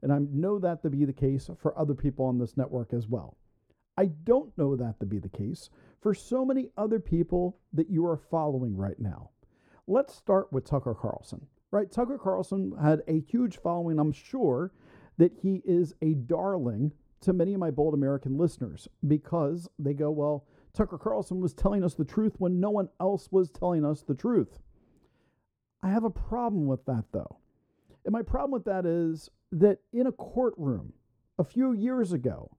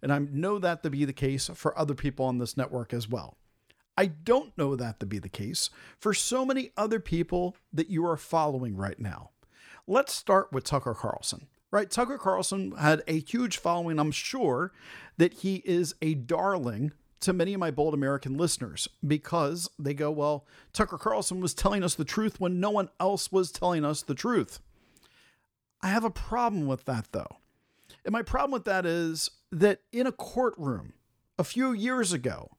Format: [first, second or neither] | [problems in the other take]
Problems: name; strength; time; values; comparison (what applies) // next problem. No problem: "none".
second | muffled; very; fading above 1 kHz